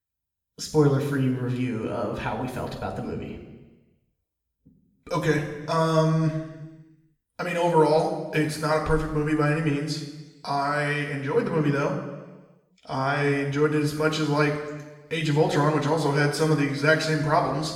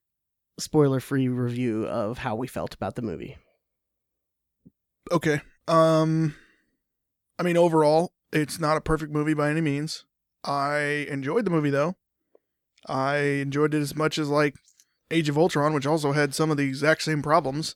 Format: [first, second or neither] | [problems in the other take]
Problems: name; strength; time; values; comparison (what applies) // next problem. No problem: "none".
second | room echo; noticeable; dies away in 1 s // off-mic speech; somewhat distant